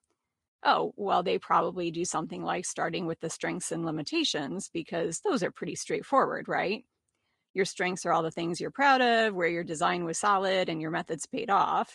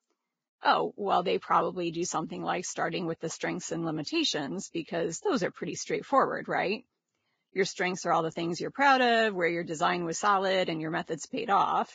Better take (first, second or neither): first